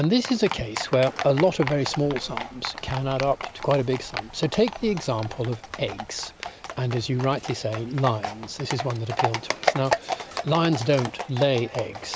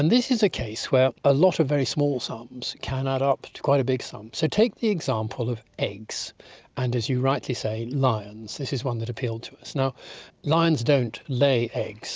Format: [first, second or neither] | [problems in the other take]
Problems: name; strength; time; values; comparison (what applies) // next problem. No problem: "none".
second | background sound (Livestock, farm animals, working animals); 8 dB below the speech